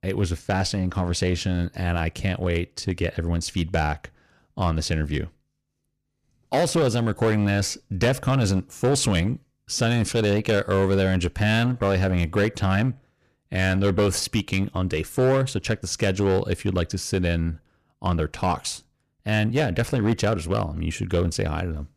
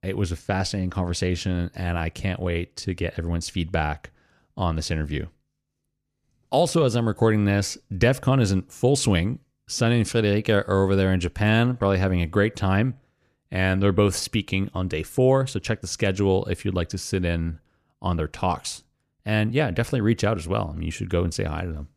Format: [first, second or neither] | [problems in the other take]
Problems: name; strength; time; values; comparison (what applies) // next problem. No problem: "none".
second | distortion; slight; 7% of the sound clipped